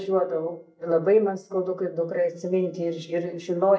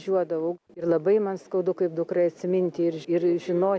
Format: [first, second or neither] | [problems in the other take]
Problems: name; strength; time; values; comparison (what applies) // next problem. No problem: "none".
second | noise reduction (neural mask model DeepFilterNet 3)